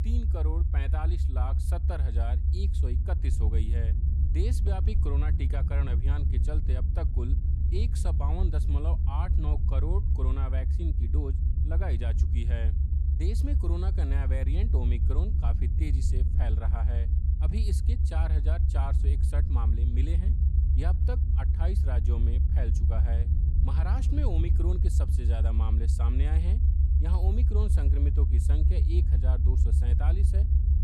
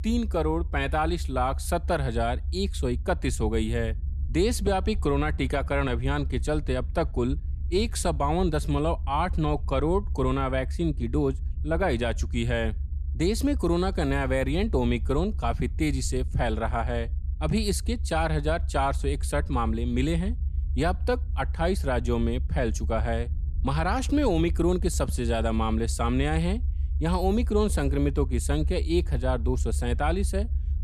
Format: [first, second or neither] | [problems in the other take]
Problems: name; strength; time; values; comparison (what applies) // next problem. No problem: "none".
second | low rumble; loud; throughout; 2 dB below the speech; faint in the second